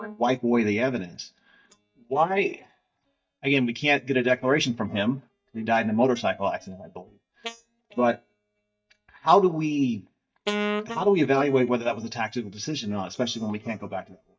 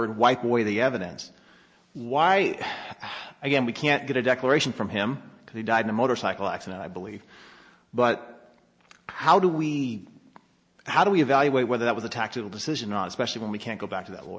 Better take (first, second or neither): second